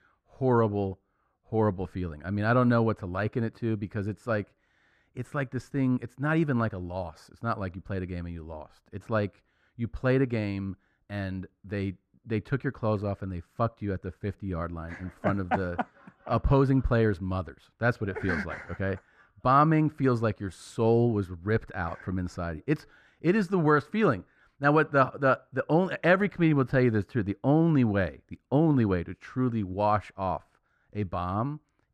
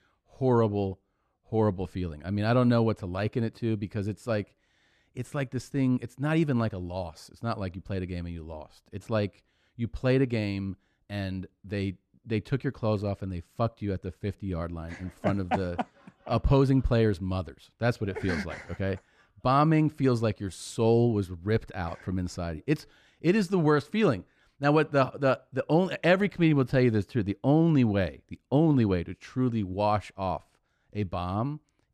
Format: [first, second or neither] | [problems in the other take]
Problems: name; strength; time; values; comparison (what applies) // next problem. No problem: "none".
second | muffled; very slightly; fading above 2.5 kHz